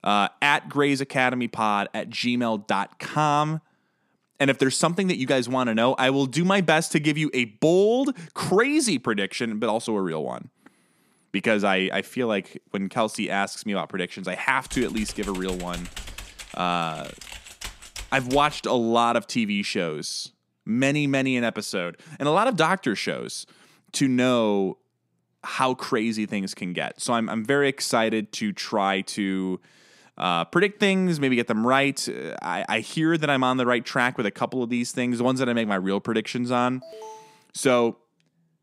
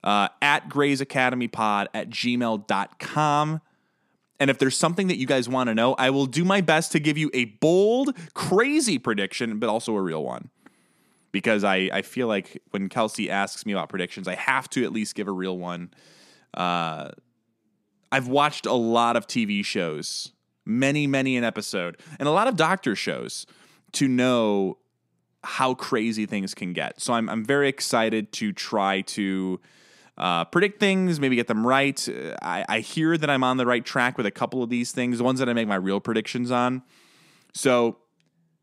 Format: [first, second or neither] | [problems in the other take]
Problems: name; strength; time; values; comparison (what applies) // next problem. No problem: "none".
second | keyboard typing; faint; from 15 to 19 s; peak 10 dB below the speech // alarm; faint; at 37 s; peak 15 dB below the speech